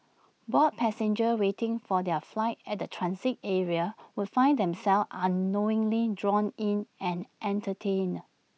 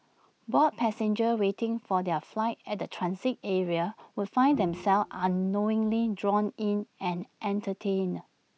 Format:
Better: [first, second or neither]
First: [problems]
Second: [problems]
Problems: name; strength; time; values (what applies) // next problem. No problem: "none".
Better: first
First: none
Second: background sound (Bowed string instrument); 16 dB below the speech